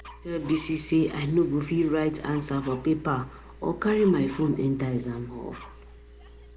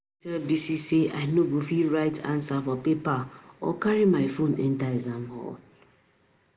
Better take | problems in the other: second | background sound (Dog + Engine); 19 dB below the speech

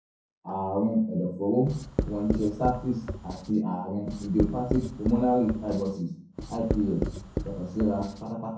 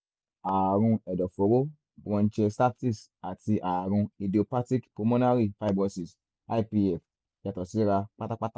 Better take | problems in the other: second | background sound (Writing); 6 dB below the speech // room echo; dies away in 0.5 s

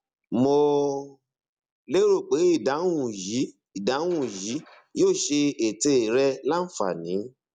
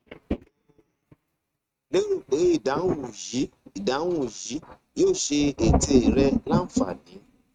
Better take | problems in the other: first | noise reduction (neural mask model RNNoise)

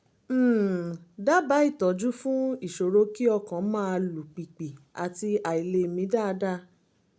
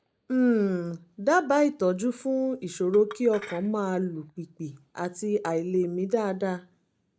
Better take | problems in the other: first | noise reduction (neural mask model DeepFilterNet 3)

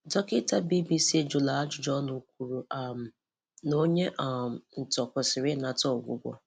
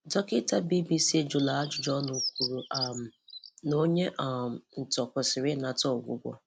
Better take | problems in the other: first | background sound (Bird); 9 dB below the speech

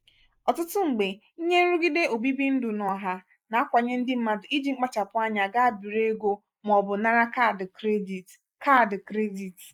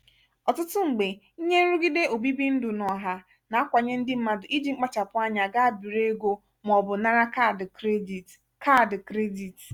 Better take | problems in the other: second | noise reduction (neural mask model Resemble Enhance denoiser)

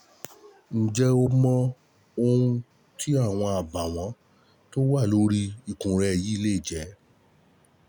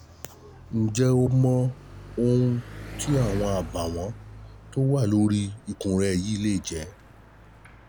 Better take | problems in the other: first | background sound (Bicycle); 15 dB below the speech

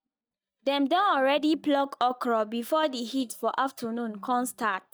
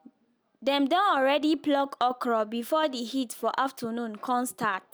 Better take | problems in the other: second | noise reduction (neural mask model DeepFilterNet 3)

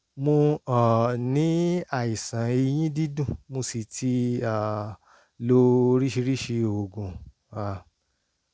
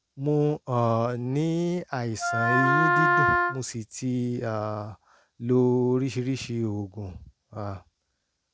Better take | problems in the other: first | background sound (Wind instrument, woodwind instrument); 4 dB above the speech

